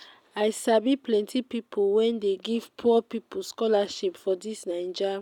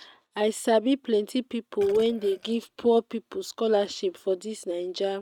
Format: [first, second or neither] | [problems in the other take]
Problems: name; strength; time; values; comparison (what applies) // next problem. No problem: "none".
first | noise reduction (neural mask model RNNoise)